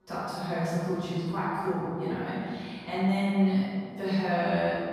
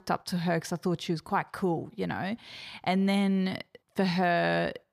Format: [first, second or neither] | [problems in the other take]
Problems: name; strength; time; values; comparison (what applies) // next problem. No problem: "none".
second | off-mic speech; far // room echo; strong; dies away in 2.2 s